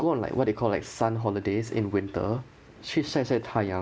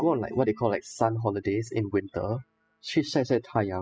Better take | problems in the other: first | noise reduction (classical method spectral subtraction)

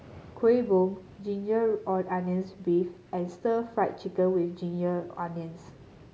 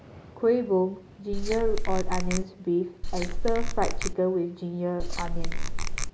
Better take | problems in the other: first | background sound (Squeak / Tools); 4 dB above the speech

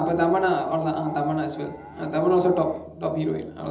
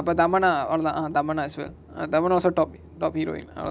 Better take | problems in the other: second | background sound (Animal); 18 dB below the speech // room echo; dies away in 1.2 s

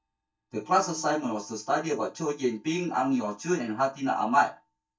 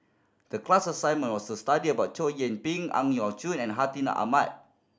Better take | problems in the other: second | noise reduction (neural mask model DeepFilterNet 3)

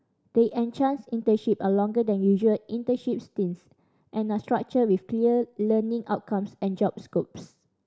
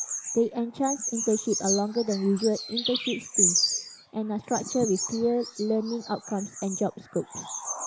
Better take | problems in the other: first | background sound (Bird vocalization, bird call, bird song); 3 dB below the speech

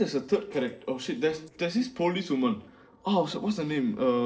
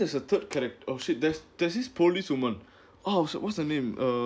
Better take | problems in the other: second | noise reduction (neural separator model SepFormer DNS4)

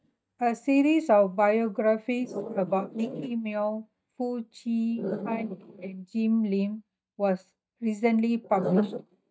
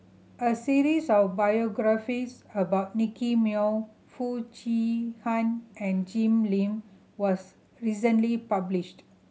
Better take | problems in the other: second | noise reduction (neural mask model DeepFilterNet 3)

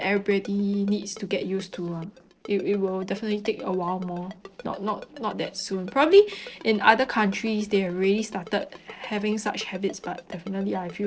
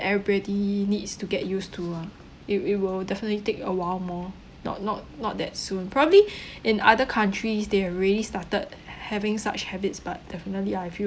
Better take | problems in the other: second | noise reduction (neural separator model SepFormer DNS4)

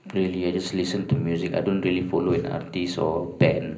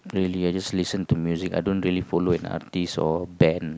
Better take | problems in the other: second | room echo; dies away in 0.5 s

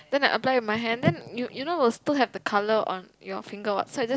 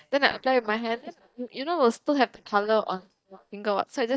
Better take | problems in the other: first | noise reduction (neural mask model DeepFilterNet 3)

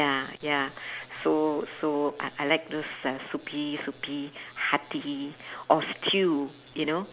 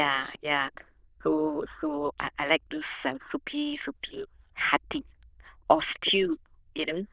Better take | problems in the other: first | noise reduction (neural diffusion model UNIVERSE++)

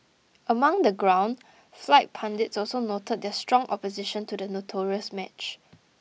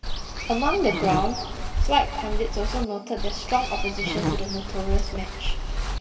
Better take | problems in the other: first | background sound (Walk, footsteps / Insect); 1 dB above the speech // room echo; dies away in 2.3 s

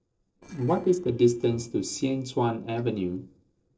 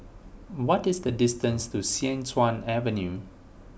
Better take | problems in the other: second | noise reduction (neural separator model SepFormer DNS4)

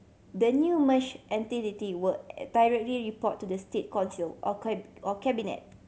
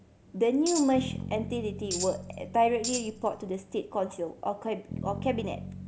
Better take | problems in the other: first | background sound (Tambourine + Bass guitar); 9 dB below the speech

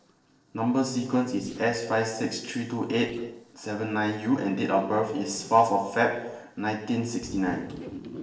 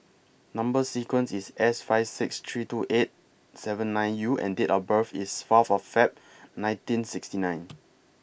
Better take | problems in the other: second | noise reduction (neural separator model SepFormer DNS4)

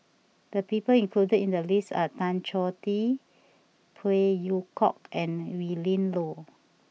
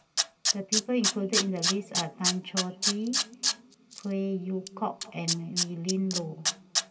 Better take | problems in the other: first | background sound (Tools); 1 dB above the speech // room echo; dies away in 2 s

